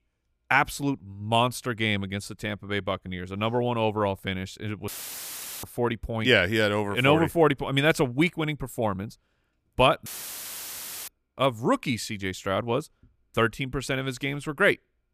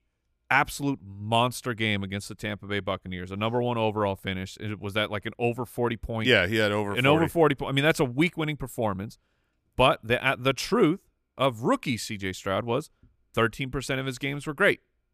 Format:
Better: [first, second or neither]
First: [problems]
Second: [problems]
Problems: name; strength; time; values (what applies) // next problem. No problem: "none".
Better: second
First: audio cutting out; filled with static; at 5 s for 1 s and at 10 s for 1 s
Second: none